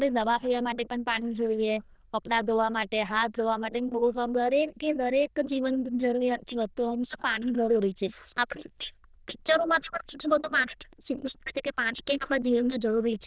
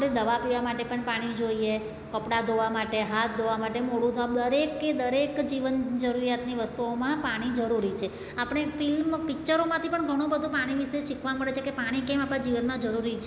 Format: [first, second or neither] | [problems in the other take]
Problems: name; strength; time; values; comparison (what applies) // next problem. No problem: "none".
second | noise reduction (neural diffusion model UNIVERSE++)